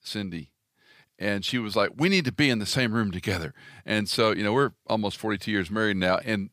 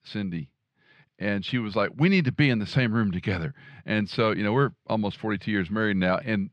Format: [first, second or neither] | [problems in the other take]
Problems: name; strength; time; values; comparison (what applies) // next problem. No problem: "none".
first | muffled; slightly; fading above 2.5 kHz